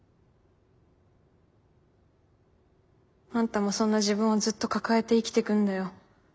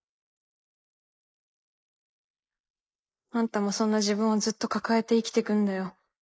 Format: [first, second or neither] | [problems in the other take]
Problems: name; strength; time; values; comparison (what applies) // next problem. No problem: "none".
first | noise reduction (neural mask model Resemble Enhance denoiser)